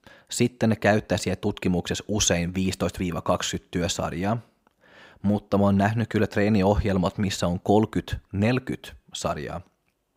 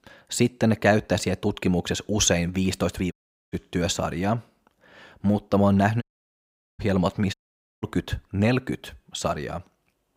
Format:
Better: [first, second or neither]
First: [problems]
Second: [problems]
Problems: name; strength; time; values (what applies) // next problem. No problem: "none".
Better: first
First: none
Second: audio cutting out; at 3 s, at 6 s for 1 s and at 7.5 s